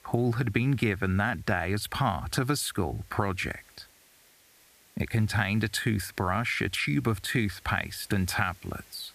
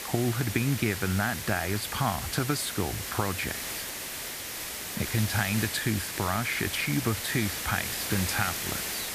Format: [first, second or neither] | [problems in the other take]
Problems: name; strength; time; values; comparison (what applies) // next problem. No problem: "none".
first | hiss; loud; throughout; 3 dB below the speech; faint in the first